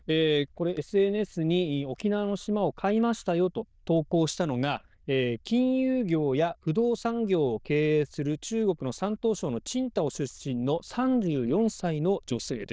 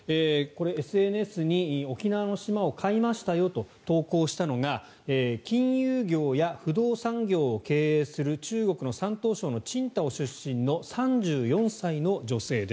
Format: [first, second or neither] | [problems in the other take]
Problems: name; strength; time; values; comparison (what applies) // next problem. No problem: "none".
second | noise reduction (neural diffusion model UNIVERSE++)